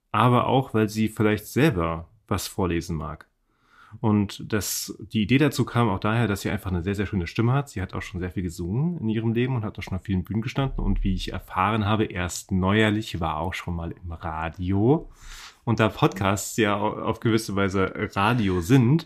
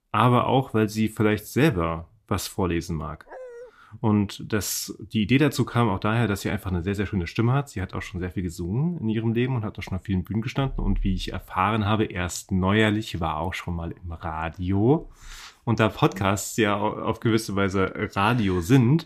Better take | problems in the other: first | dog barking; faint; at 3.5 s; peak 15 dB below the speech

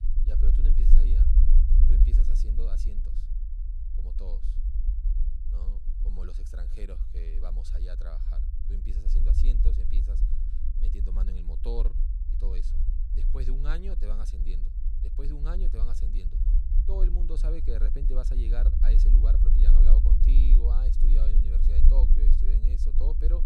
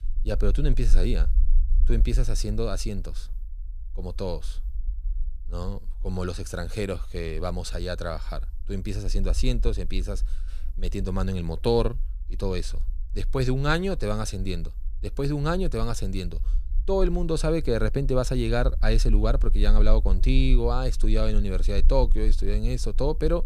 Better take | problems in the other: second | low rumble; loud; throughout; 3 dB below the speech; faint in the second

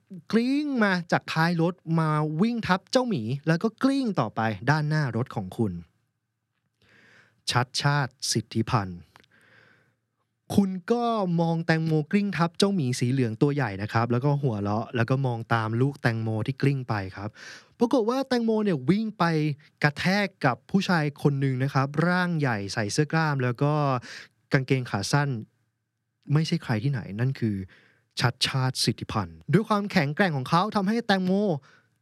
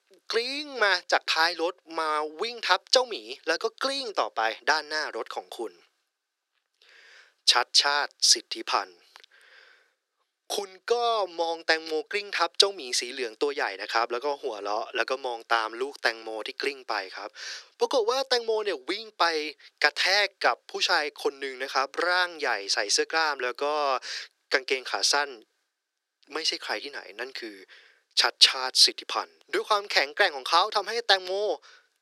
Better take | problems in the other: first | thin; very; fading below 400 Hz

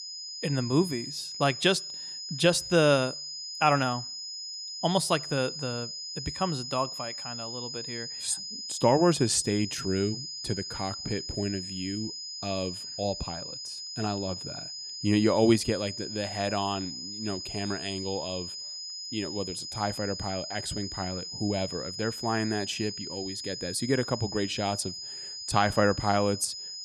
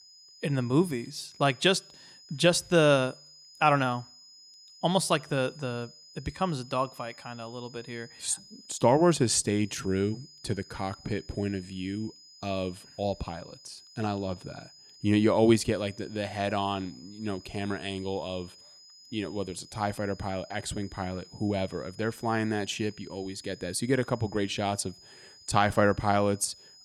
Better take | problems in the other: second | high-pitched whine; loud; throughout; 5 kHz, 7 dB below the speech; faint in the second

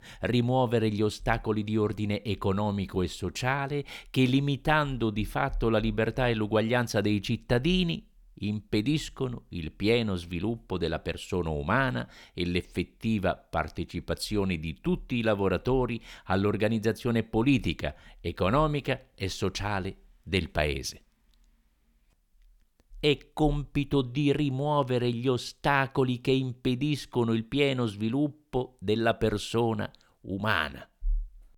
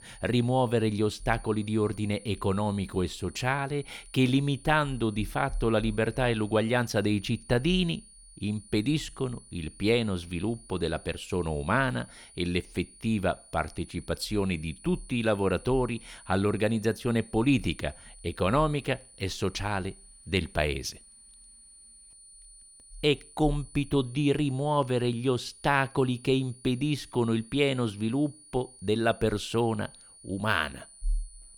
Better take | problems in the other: first | high-pitched whine; faint; throughout; 9.5 kHz, 20 dB below the speech

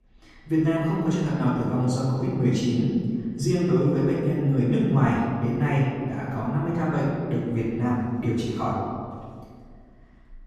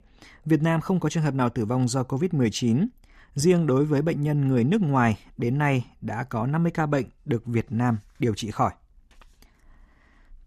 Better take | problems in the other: second | off-mic speech; far // room echo; strong; dies away in 2 s

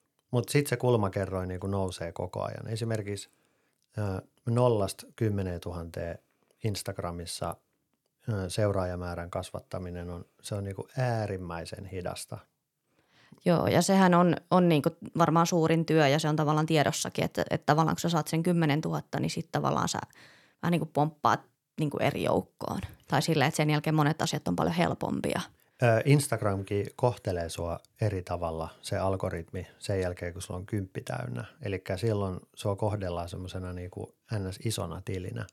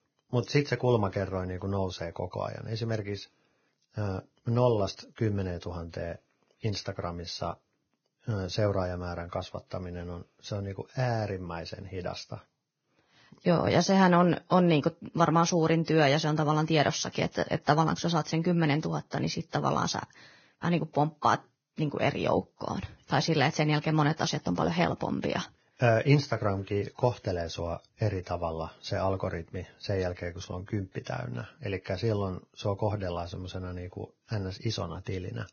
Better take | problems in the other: first | garbled, watery; badly; nothing above 6.5 kHz

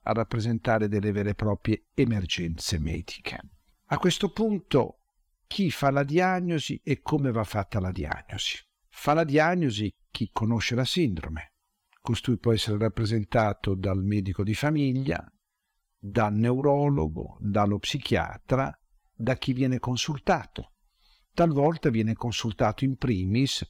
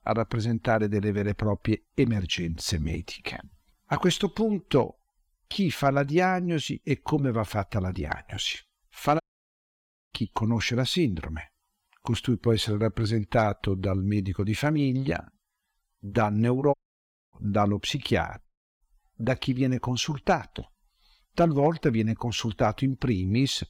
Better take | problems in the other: first | audio cutting out; at 9 s for 1 s, at 17 s for 0.5 s and at 18 s

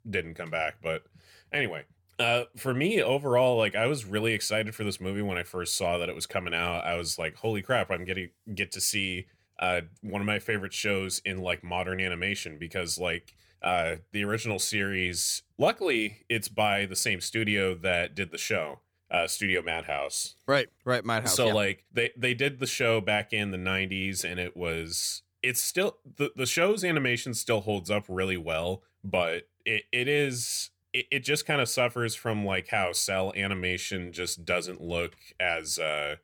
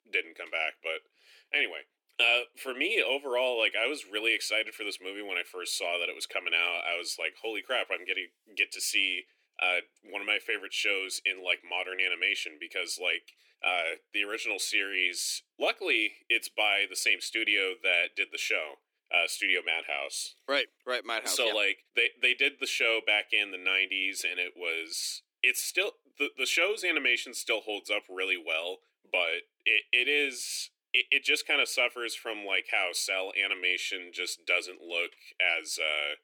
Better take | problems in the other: first | thin; somewhat; fading below 300 Hz

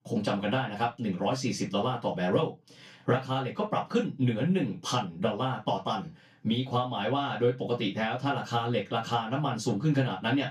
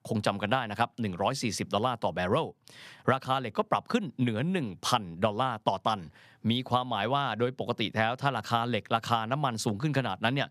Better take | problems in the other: second | room echo; very slight; dies away in 0.2 s // off-mic speech; far

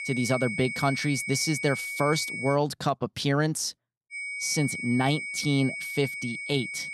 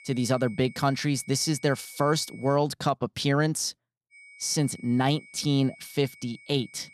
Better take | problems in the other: second | high-pitched whine; loud; until 2.5 s and from 4 s on; 2 kHz, 5 dB below the speech; faint in the second

